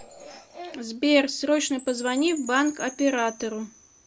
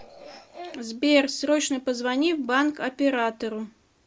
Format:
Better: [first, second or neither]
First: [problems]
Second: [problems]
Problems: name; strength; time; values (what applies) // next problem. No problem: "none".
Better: second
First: background sound (Chime); 19 dB below the speech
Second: none